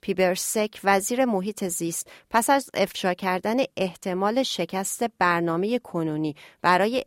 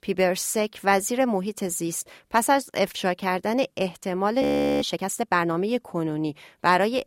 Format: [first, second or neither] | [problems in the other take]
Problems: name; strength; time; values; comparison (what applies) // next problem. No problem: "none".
first | audio freezing; at 4.5 s